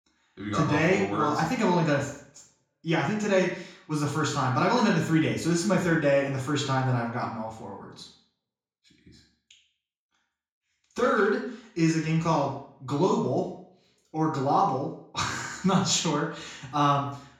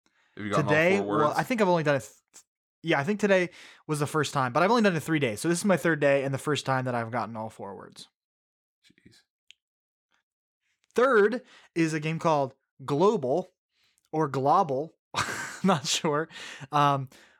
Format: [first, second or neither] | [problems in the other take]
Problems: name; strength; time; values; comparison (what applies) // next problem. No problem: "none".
second | room echo; noticeable; dies away in 0.5 s // off-mic speech; far